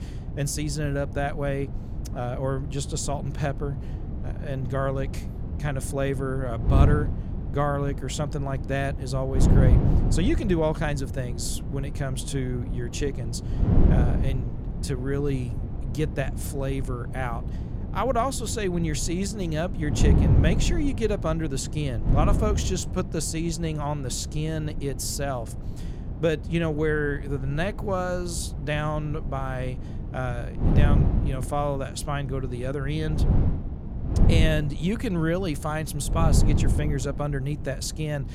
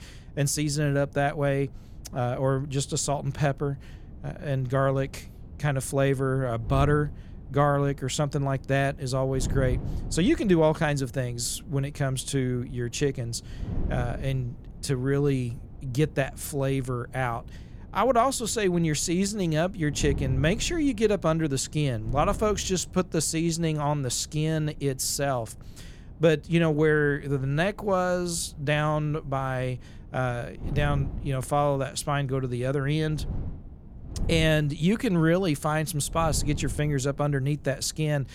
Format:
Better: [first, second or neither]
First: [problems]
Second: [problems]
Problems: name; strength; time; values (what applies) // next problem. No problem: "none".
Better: second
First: wind noise on the microphone; heavy; 8 dB below the speech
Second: wind noise on the microphone; occasional gusts; 25 dB below the speech